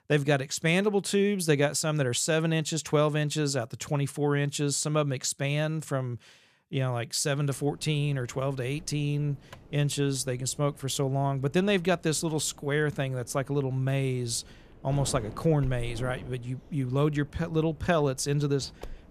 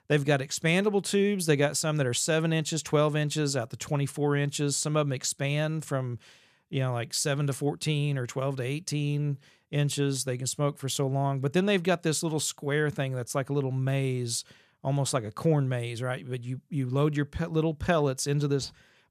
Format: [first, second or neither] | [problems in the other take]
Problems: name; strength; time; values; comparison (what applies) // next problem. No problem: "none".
second | wind noise on the microphone; occasional gusts; from 7.5 s on; 25 dB below the speech